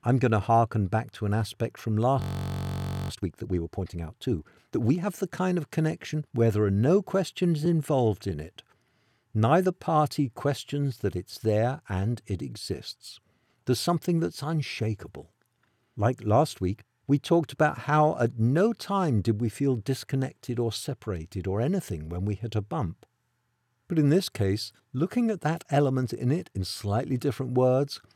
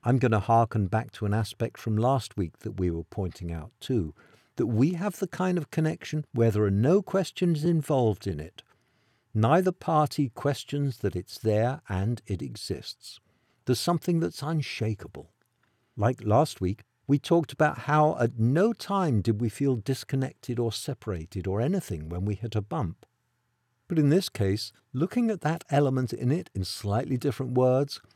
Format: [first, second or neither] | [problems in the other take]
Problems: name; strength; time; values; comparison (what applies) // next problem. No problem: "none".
second | audio freezing; at 2 s for 1 s